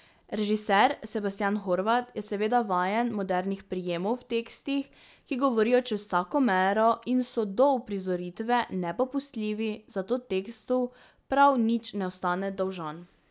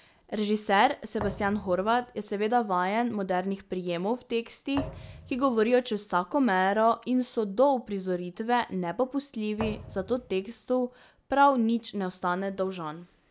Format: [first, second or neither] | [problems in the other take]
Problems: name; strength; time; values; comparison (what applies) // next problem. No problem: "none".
first | background sound (Thump, thud); 14 dB below the speech